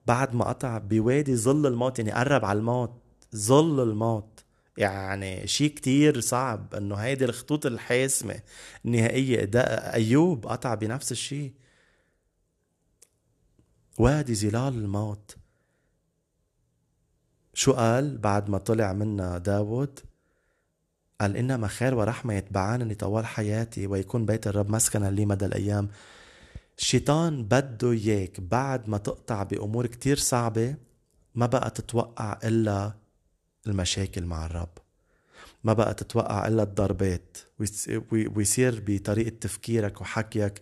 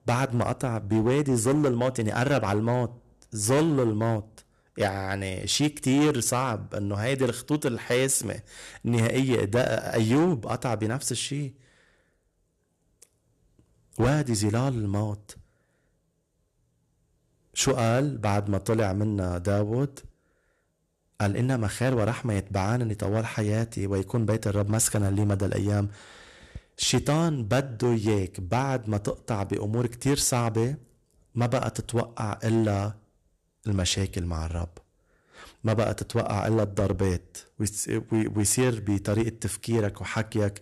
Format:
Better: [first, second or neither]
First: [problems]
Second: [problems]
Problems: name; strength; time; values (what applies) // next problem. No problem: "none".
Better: first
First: none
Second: distortion; slight; 5% of the sound clipped